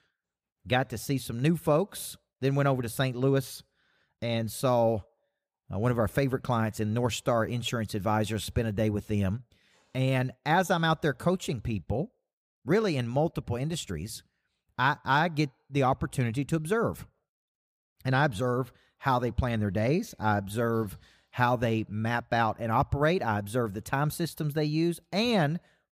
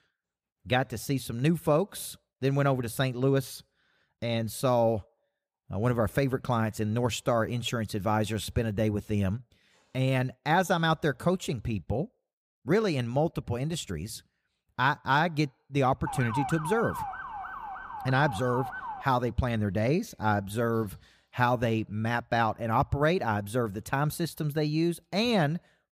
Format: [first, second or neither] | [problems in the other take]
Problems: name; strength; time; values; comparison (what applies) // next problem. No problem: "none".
first | siren; noticeable; from 16 to 19 s; peak 5 dB below the speech